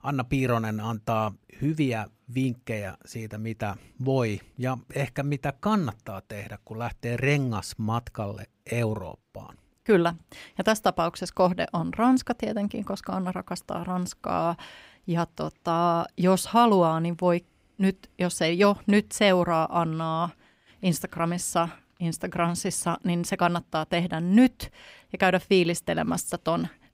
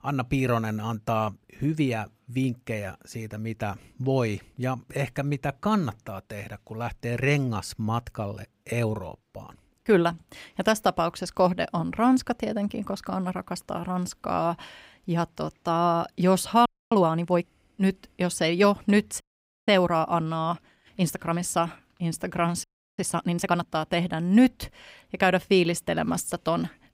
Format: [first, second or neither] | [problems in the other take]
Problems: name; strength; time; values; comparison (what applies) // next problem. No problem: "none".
first | audio freezing; at 17 s, at 19 s and at 23 s